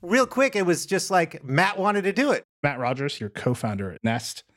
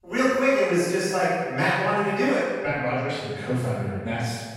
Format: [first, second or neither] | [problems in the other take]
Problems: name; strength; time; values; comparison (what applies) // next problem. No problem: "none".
first | room echo; strong; dies away in 1.3 s // off-mic speech; far